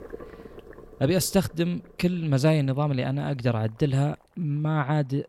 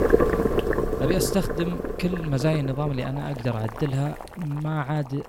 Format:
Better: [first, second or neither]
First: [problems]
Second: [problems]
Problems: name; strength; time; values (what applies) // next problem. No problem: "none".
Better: first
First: household noises; faint; throughout; 25 dB below the speech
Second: household noises; loud; throughout; 1 dB below the speech